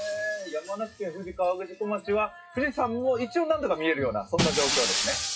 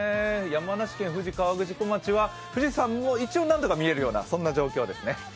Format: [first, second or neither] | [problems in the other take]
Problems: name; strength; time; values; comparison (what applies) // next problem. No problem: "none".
second | noise reduction (classical method WPE with log-MMSE)